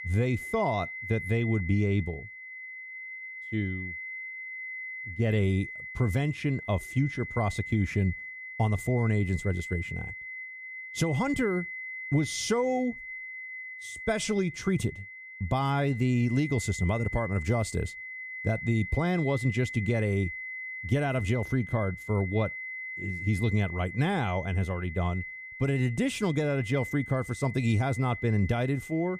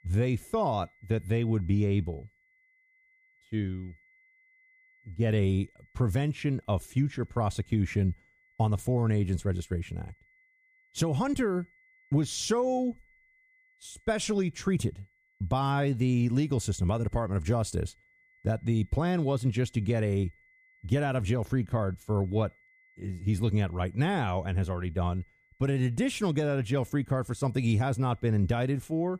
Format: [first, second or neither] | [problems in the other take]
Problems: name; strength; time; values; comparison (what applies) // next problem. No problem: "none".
second | high-pitched whine; loud; throughout; 2 kHz, 9 dB below the speech; faint in the second